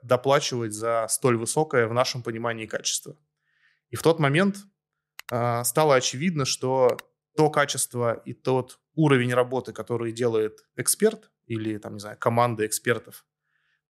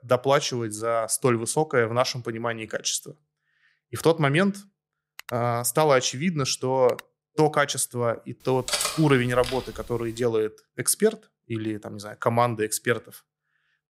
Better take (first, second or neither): first